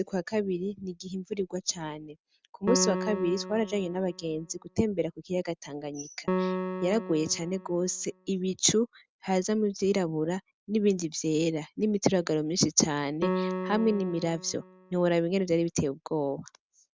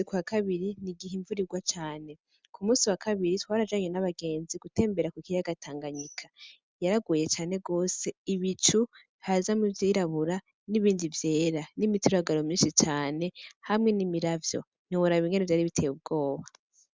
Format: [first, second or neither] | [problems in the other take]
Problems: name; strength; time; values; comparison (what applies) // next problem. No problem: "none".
second | background sound (Piano); 7 dB below the speech